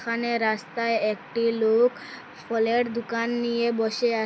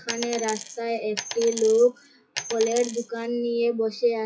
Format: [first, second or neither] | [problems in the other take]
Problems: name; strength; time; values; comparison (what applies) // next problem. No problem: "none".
first | noise reduction (classical method WPE with log-MMSE)